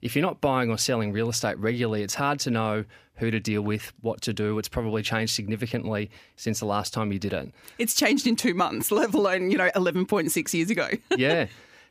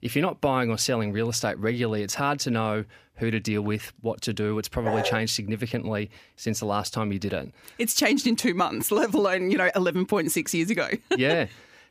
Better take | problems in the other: first | dog barking; noticeable; at 5 s; peak 3 dB below the speech

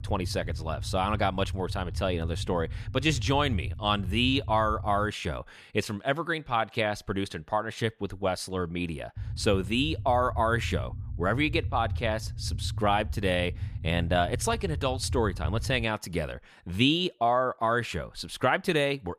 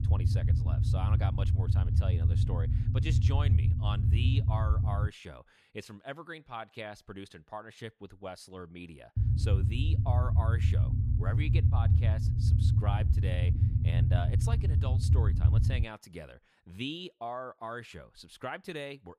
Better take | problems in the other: first | low rumble; loud; until 5 s and from 9 to 16 s; 1 dB below the speech; faint in the first

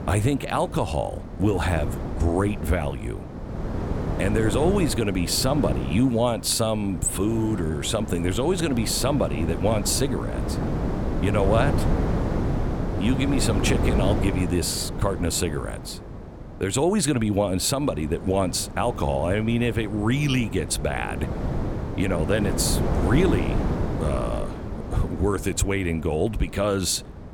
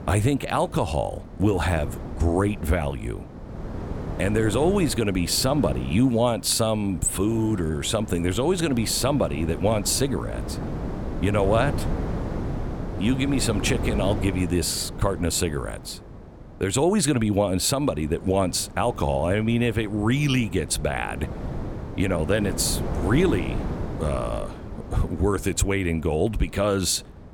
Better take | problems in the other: second | wind noise on the microphone; heavy; 8 dB below the speech; occasional gusts in the second

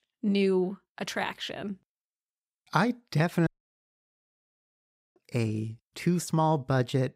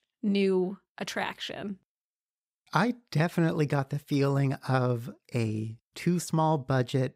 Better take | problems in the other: second | audio cutting out; at 3.5 s for 1.5 s

